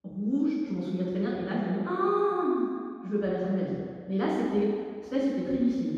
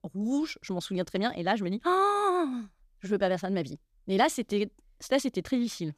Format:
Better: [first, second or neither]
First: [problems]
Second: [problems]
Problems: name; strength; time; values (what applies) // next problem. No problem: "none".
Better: second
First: room echo; strong; dies away in 1.8 s // off-mic speech; far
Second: none